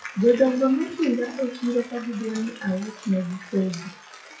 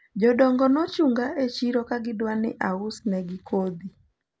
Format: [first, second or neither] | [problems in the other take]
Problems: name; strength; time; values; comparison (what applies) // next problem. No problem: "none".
second | noise reduction (classical method WPE with log-MMSE)